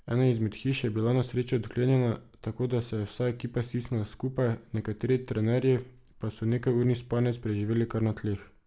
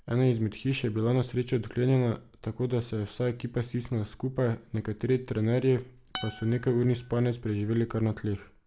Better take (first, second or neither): first